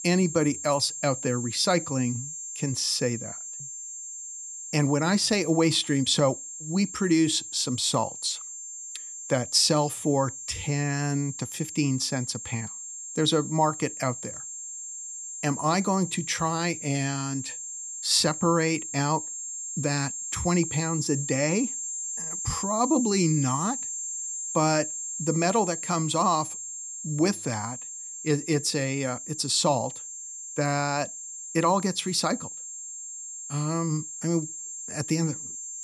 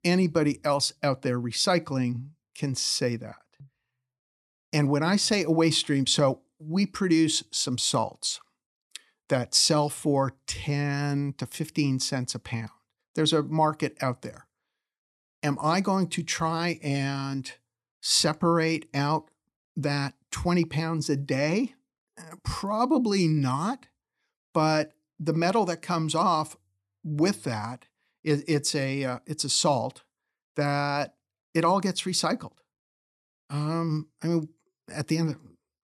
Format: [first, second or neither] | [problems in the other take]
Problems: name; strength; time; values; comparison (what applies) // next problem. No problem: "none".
second | high-pitched whine; loud; throughout; 7.5 kHz, 7 dB below the speech